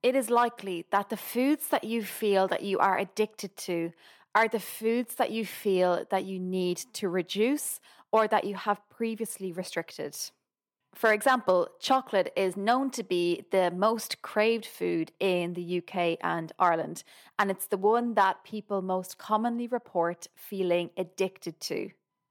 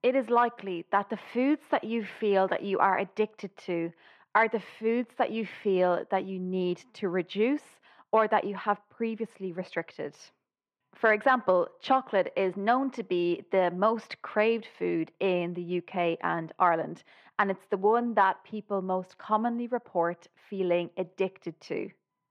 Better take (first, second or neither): first